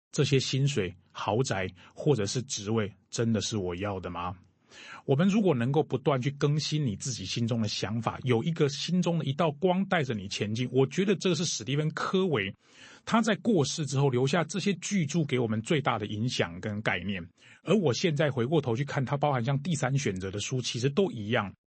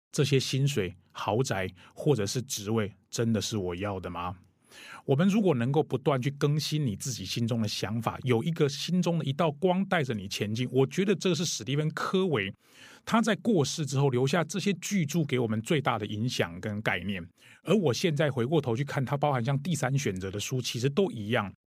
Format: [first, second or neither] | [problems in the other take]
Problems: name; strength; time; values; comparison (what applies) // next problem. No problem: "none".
second | garbled, watery; slightly; nothing above 8 kHz